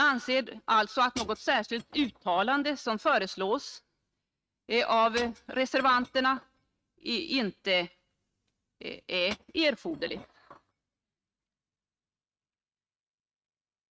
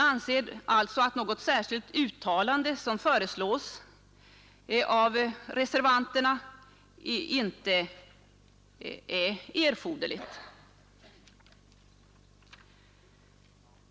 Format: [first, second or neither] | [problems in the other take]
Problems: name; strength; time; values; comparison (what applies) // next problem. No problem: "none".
second | noise reduction (neural mask model RNNoise)